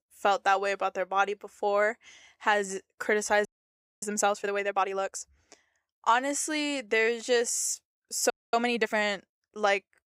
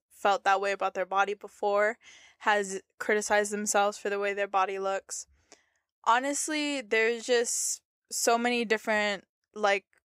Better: second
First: audio freezing; at 3.5 s for 0.5 s and at 8.5 s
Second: none

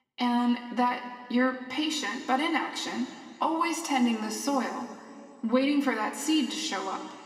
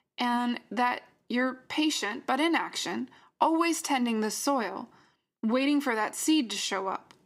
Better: second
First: room echo; slight; dies away in 2.1 s // off-mic speech; somewhat distant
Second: none

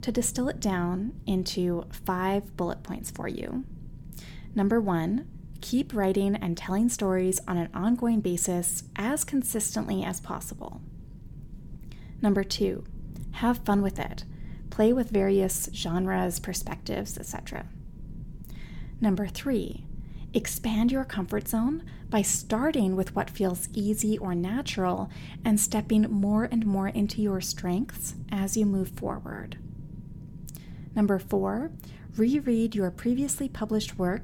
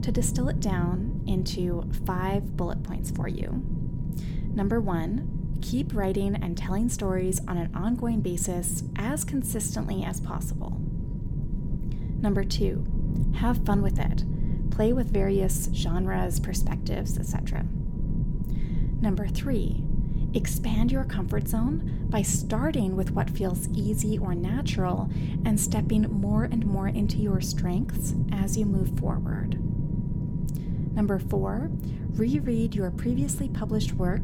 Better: first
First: low rumble; faint; throughout; 25 dB below the speech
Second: low rumble; loud; throughout; 7 dB below the speech

